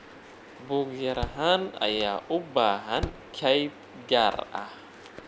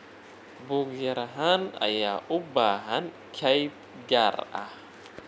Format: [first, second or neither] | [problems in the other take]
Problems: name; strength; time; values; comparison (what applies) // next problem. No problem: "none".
second | background sound (Slam); 15 dB below the speech